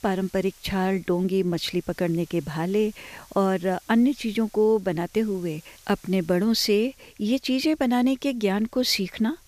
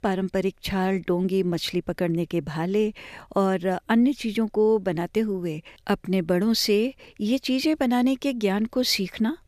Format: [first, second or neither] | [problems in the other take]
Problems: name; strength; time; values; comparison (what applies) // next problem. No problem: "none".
second | hiss; faint; throughout; 25 dB below the speech